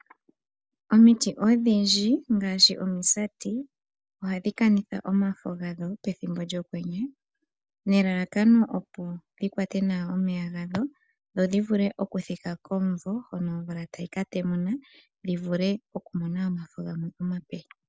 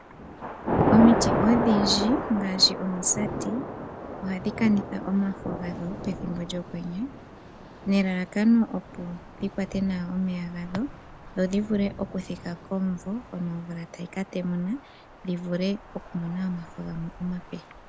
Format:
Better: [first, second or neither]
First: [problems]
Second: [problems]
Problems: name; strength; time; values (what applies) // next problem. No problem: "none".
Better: first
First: none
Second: background sound (Thunder / Rain); 5 dB below the speech